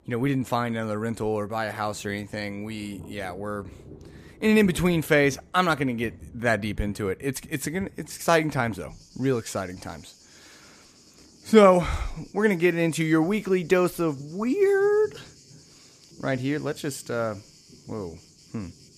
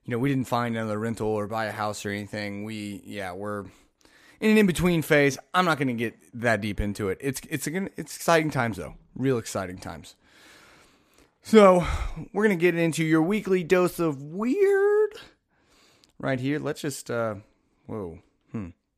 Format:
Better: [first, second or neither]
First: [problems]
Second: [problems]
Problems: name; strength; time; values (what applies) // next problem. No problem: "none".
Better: second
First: rain or running water; faint; throughout; 25 dB below the speech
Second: none